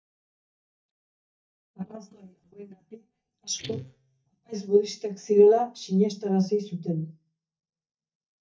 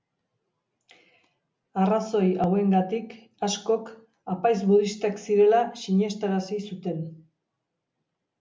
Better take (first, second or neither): second